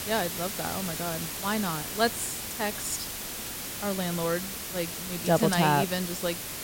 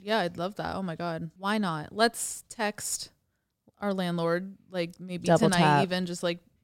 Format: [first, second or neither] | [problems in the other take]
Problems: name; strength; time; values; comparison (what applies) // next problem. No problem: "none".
second | hiss; loud; throughout; 4 dB below the speech